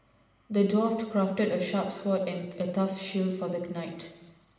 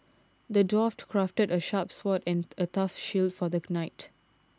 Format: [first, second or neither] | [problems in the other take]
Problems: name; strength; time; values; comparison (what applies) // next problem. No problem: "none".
second | room echo; dies away in 1 s